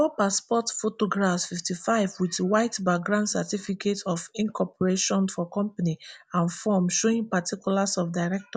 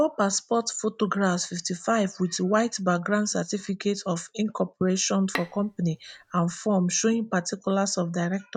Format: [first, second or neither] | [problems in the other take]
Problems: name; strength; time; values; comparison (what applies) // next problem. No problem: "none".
first | noise reduction (neural mask model RNNoise)